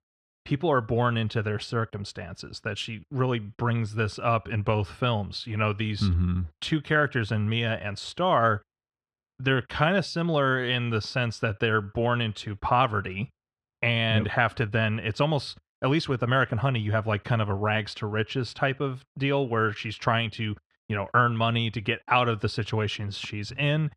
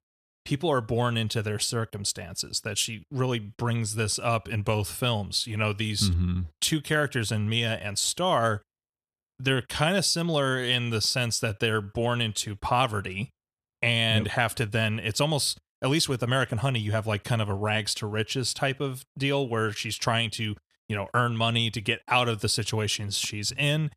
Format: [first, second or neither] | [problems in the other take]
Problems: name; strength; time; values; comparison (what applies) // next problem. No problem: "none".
second | muffled; slightly; fading above 2.5 kHz